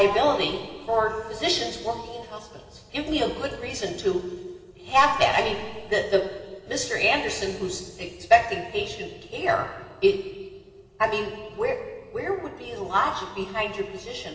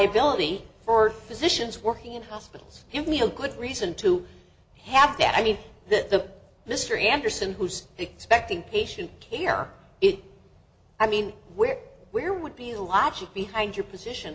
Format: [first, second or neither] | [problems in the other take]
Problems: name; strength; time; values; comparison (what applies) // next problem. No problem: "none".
second | room echo; dies away in 2 s